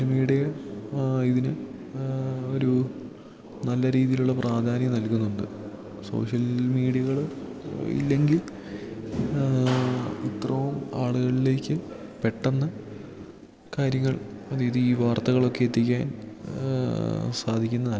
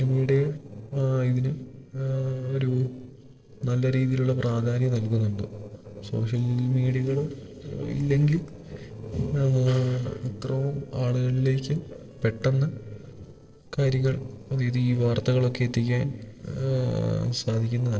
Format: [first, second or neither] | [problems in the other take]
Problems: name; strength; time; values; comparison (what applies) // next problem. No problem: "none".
first | noise reduction (neural separator model SepFormer DNS4)